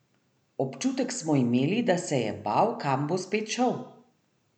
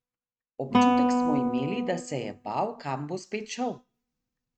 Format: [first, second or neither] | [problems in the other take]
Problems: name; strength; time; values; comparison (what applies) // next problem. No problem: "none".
first | noise reduction (neural mask model RNNoise)